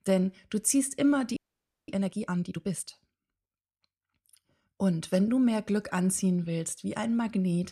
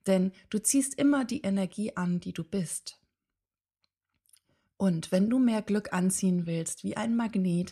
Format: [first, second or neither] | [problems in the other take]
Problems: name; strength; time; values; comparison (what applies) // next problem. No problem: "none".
second | audio freezing; at 1.5 s for 0.5 s